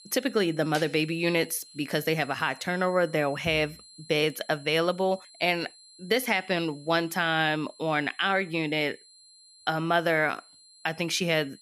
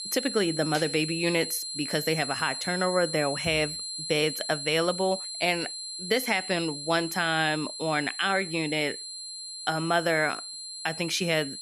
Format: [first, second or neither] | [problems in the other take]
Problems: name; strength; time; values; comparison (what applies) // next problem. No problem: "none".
first | high-pitched whine; loud; throughout; 4 kHz, 7 dB below the speech; faint in the first